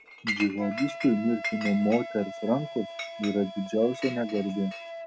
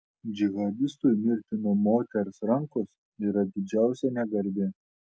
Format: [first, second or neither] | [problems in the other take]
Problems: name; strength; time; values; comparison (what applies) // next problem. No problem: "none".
second | background sound (Chink, clink + Wind instrument, woodwind instrument); 9 dB below the speech